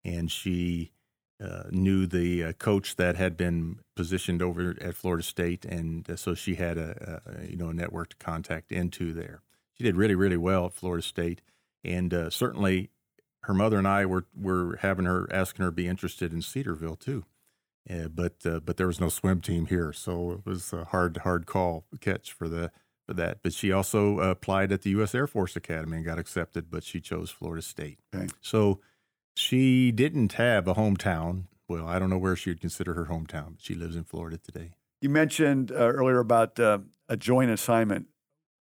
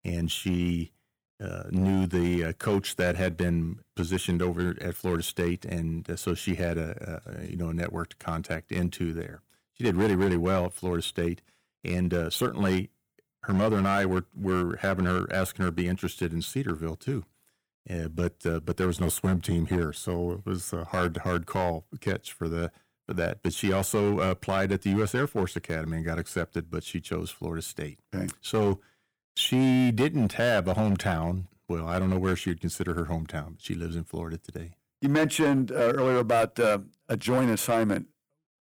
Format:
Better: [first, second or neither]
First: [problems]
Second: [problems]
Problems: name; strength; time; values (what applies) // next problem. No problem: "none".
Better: first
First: none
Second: distortion; slight; 4% of the sound clipped